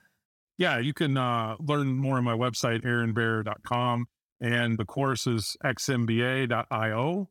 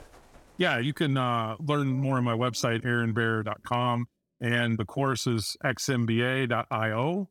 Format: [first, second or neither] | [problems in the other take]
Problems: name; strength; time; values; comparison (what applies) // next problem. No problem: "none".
first | animal sounds; faint; until 3.5 s; 30 dB below the speech